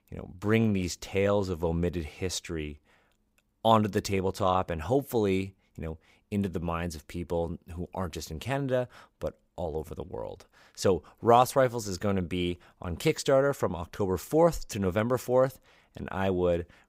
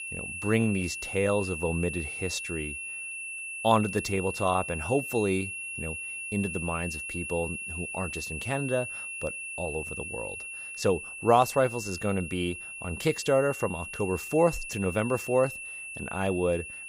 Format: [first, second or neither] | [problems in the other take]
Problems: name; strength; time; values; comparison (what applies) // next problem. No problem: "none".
first | high-pitched whine; loud; throughout; 2.5 kHz, 6 dB below the speech